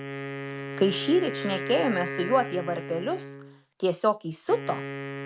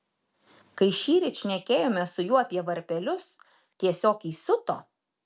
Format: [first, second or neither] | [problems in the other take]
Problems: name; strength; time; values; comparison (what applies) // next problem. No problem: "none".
second | background sound (Wind instrument, woodwind instrument); 8 dB below the speech